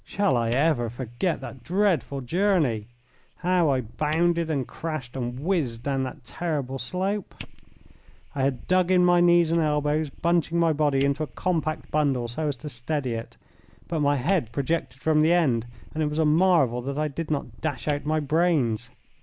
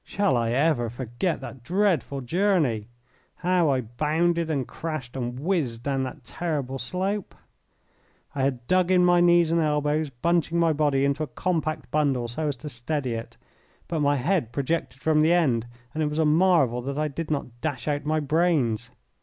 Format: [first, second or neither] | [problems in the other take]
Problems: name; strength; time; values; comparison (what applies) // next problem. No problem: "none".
second | background sound (Purr + Fire); 20 dB below the speech